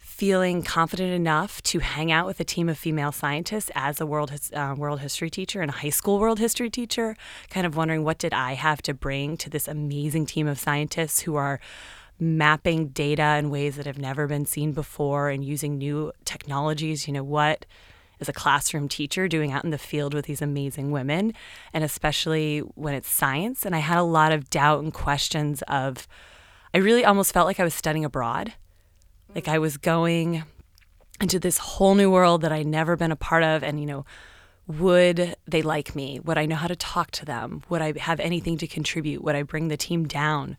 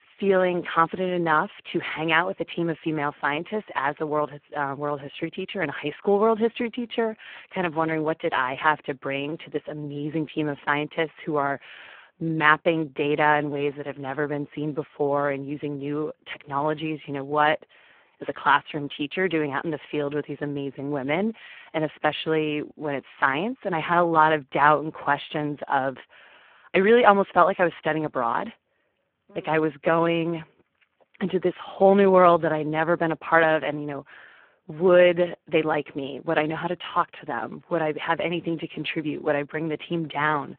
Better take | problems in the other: first | phone-call audio; poor line

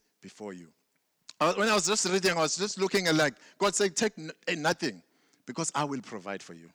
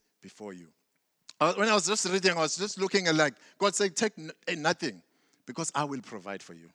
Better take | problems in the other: second | distortion; slight; 2% of the sound clipped

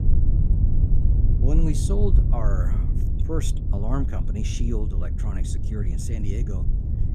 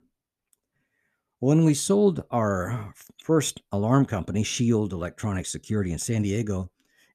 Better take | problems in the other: second | low rumble; loud; throughout; 4 dB below the speech

